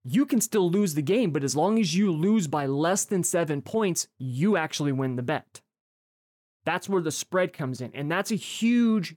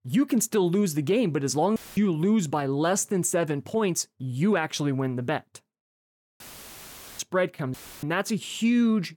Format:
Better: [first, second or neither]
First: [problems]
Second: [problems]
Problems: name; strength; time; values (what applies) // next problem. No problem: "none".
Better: first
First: none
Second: audio cutting out; filled with static; at 2 s, at 6.5 s for 1 s and at 7.5 s